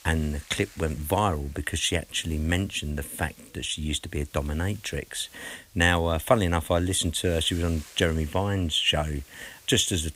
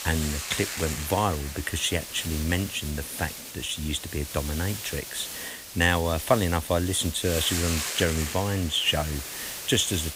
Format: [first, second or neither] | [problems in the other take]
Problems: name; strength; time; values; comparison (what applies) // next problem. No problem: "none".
first | hiss; loud; throughout; 6 dB below the speech; faint in the first